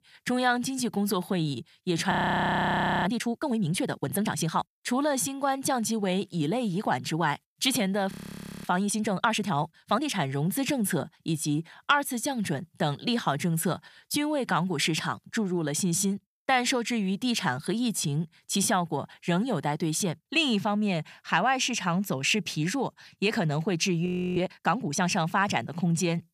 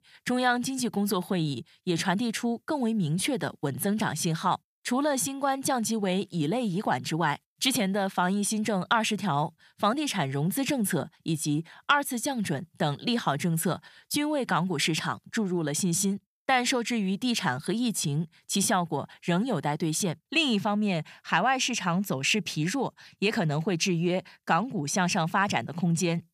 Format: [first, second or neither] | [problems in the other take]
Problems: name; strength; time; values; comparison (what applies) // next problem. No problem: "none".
second | audio freezing; at 2 s for 1 s, at 8 s for 0.5 s and at 24 s